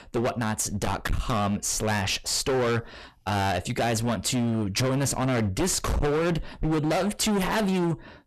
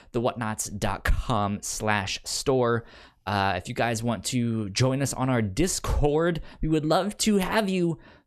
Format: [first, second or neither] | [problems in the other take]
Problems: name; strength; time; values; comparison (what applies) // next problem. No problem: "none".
second | distortion; heavy; 27% of the sound clipped